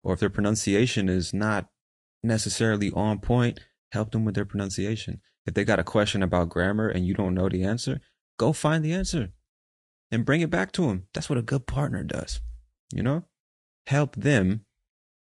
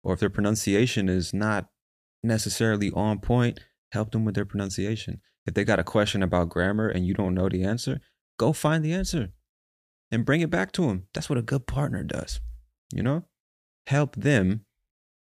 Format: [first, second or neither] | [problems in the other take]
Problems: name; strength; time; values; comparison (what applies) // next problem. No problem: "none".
second | garbled, watery; slightly; nothing above 10.5 kHz